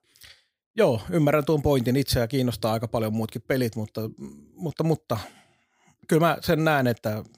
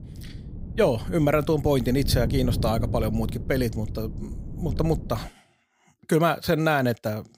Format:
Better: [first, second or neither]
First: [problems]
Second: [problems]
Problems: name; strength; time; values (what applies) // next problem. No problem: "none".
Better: first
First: none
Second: wind noise on the microphone; occasional gusts; until 5.5 s; 20 dB below the speech